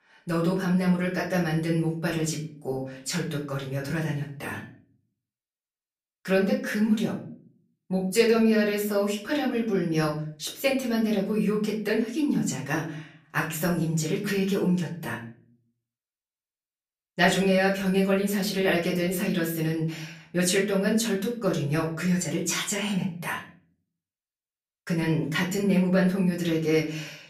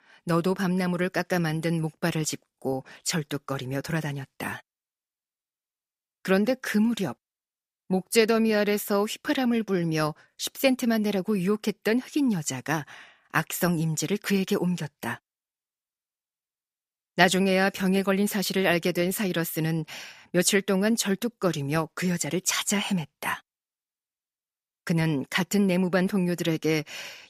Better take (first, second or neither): second